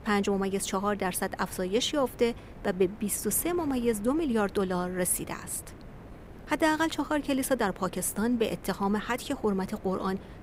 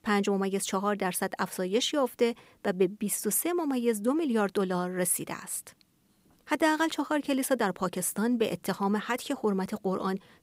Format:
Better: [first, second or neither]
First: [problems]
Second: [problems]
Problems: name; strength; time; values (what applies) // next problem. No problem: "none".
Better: second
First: wind noise on the microphone; occasional gusts; 20 dB below the speech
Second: none